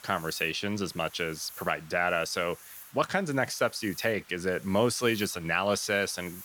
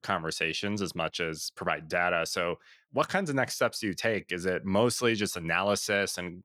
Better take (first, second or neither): second